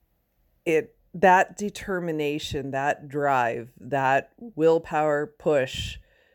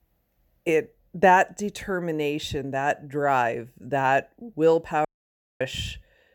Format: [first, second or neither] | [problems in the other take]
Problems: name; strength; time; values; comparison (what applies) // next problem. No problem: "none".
first | audio cutting out; at 5 s for 0.5 s